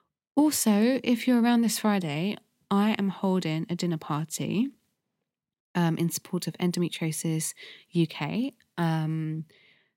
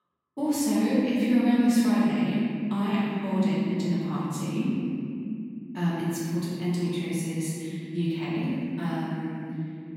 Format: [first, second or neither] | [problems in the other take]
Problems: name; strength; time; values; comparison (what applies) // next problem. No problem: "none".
first | room echo; strong; dies away in 3 s // off-mic speech; far